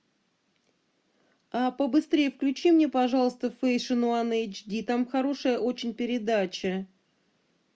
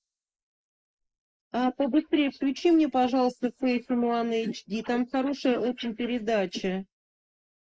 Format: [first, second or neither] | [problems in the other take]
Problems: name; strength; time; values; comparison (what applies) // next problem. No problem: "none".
first | noise reduction (neural mask model Resemble Enhance denoiser)